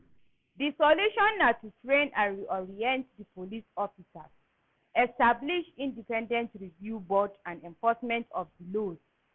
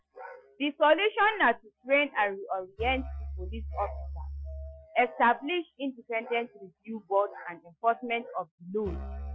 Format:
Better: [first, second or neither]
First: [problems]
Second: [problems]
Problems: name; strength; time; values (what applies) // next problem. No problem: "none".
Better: first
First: none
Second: noise reduction (classical method Wiener filter)